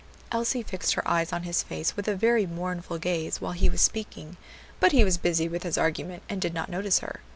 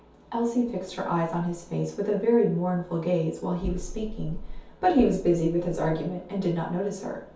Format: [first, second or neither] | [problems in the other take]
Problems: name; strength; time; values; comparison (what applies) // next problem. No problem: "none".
first | room echo; dies away in 0.6 s